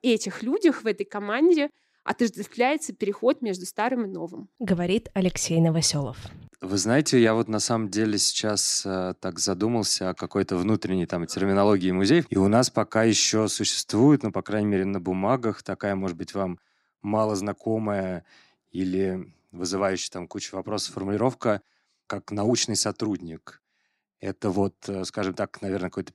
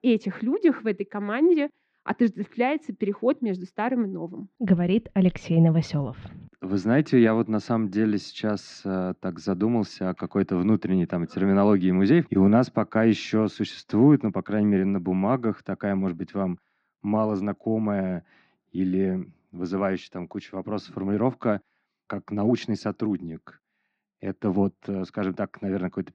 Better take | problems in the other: first | muffled; very; fading above 3 kHz

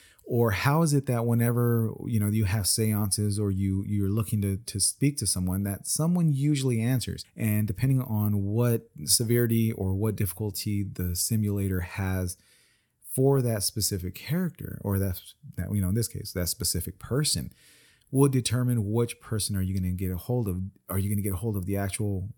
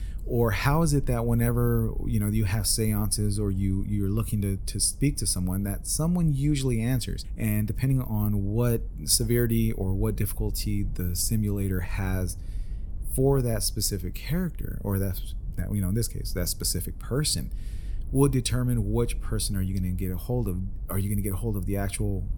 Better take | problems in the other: first | low rumble; faint; throughout; 25 dB below the speech

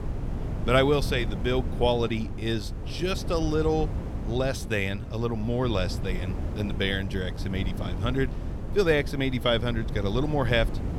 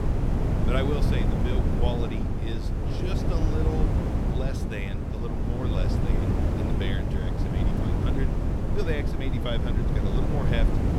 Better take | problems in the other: first | wind noise on the microphone; heavy; 1 dB above the speech; occasional gusts in the first

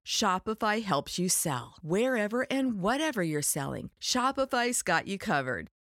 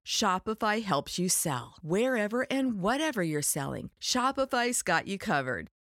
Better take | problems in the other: neither | none

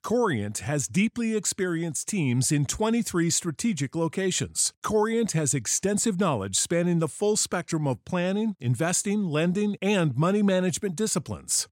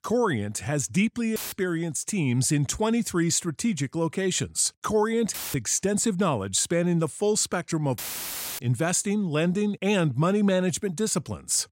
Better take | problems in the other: first | audio cutting out; filled with static; at 1.5 s, at 5.5 s and at 8 s for 0.5 s

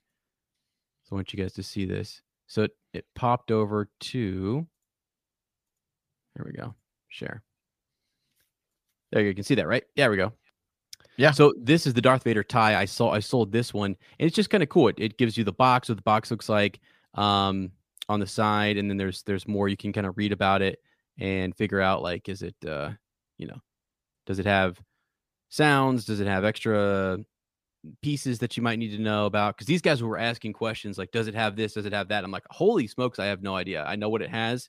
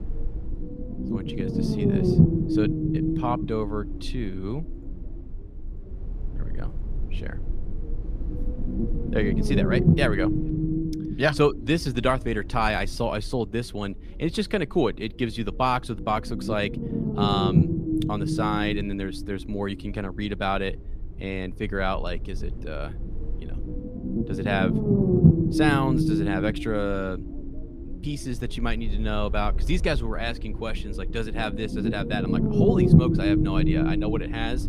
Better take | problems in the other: first | low rumble; loud; throughout; 2 dB below the speech

